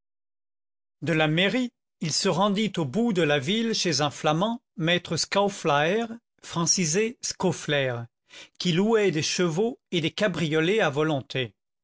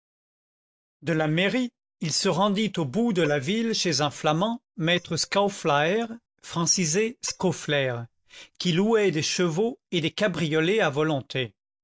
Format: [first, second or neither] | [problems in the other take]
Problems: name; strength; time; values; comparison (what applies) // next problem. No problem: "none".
first | noise reduction (neural mask model DeepFilterNet 3)